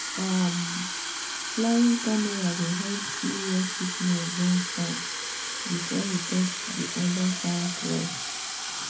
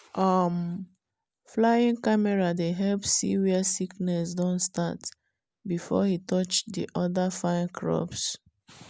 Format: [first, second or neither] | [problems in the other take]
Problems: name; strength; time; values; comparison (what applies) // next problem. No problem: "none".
second | background sound (Fill (with liquid) / Water tap, faucet); 4 dB below the speech // room echo; dies away in 0.3 s